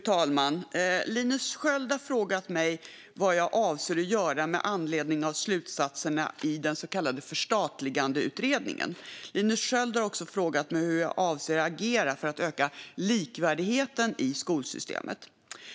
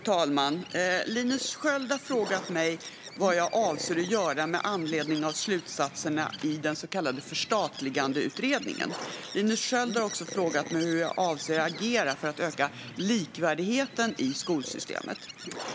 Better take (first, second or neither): first